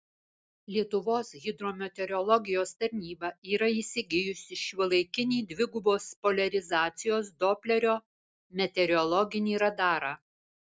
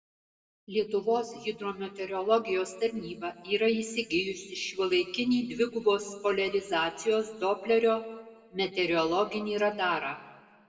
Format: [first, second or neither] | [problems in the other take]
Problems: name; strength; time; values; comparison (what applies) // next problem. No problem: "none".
first | room echo; dies away in 1.4 s